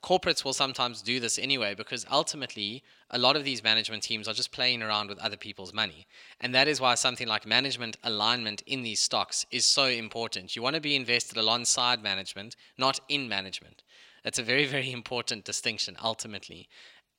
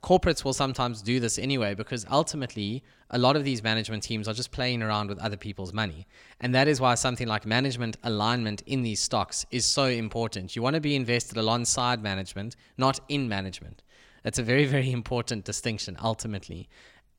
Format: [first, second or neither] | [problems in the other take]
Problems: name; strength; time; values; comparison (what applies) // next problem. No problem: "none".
second | thin; very slightly; fading below 500 Hz